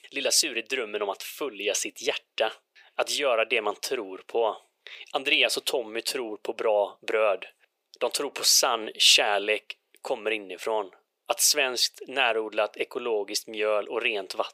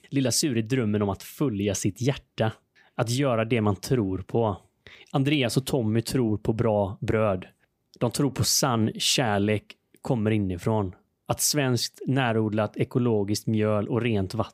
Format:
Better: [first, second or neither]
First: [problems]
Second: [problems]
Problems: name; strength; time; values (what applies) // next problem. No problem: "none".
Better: second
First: thin; very; fading below 450 Hz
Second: none